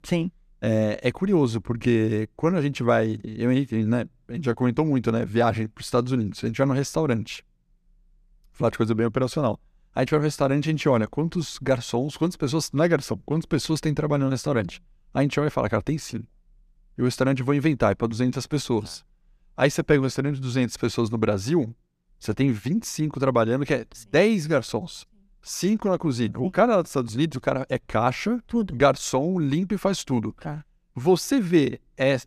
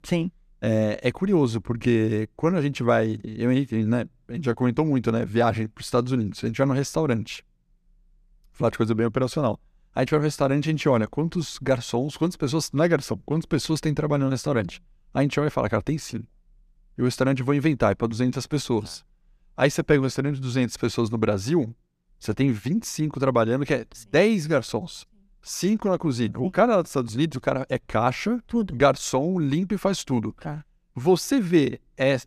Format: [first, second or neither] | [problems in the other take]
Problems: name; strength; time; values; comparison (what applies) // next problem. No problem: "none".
neither | none